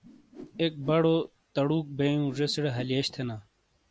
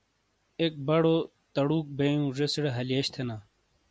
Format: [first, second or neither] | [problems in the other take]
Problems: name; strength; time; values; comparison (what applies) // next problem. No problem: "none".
second | background sound (Whoosh, swoosh, swish); 18 dB below the speech